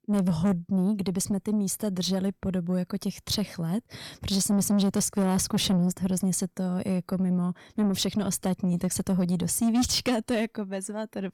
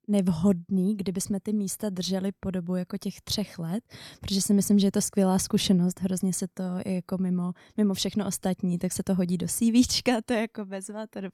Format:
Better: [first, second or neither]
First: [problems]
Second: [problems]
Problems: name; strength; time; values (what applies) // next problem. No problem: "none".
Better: second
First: distortion; slight; 10 dB below the speech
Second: none